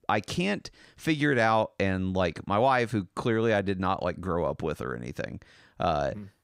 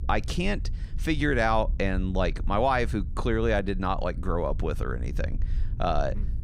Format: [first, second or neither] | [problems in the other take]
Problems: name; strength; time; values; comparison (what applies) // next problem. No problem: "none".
first | low rumble; faint; throughout; 25 dB below the speech